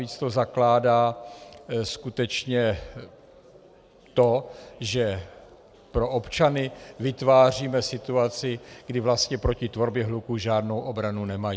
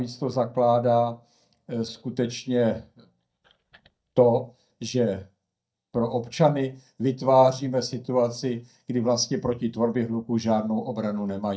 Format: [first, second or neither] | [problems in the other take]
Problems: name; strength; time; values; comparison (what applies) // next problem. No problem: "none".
first | noise reduction (neural mask model DeepFilterNet 3)